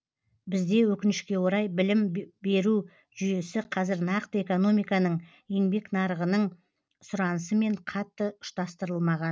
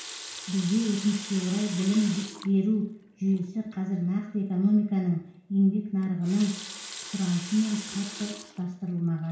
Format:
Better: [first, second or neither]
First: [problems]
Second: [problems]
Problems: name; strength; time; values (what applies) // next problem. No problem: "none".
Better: first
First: none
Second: background sound (Water tap, faucet); 15 dB below the speech // room echo; dies away in 0.6 s